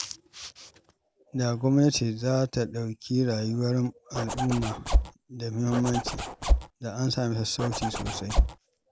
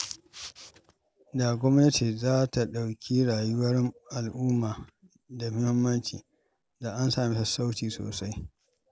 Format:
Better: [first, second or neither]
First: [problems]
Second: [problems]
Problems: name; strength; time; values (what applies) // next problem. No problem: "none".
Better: second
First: background sound (Zipper (clothing)); 2 dB above the speech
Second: none